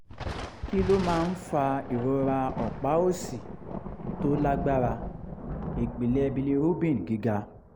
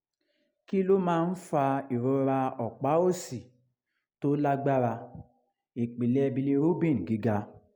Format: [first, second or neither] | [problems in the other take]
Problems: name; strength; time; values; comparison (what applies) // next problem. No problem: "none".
second | background sound (Thunder); 8 dB below the speech